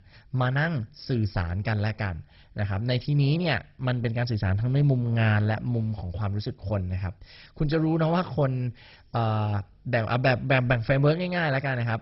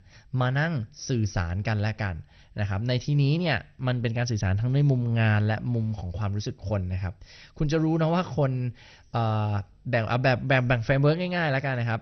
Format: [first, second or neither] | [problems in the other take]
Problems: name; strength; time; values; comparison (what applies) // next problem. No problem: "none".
second | garbled, watery; badly; nothing above 5.5 kHz; slightly in the second